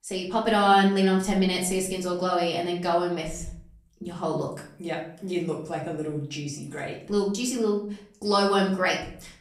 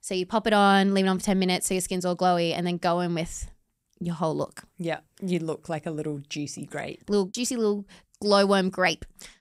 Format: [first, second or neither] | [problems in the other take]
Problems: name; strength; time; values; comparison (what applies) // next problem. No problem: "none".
second | off-mic speech; far // room echo; slight; dies away in 0.4 s